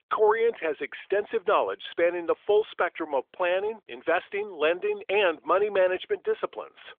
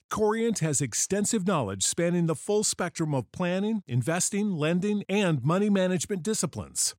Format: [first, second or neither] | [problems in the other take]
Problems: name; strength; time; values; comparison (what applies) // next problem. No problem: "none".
second | phone-call audio; nothing above 3.5 kHz